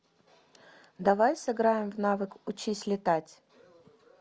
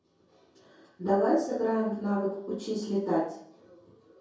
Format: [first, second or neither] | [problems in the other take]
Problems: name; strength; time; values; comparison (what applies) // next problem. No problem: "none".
first | room echo; dies away in 0.6 s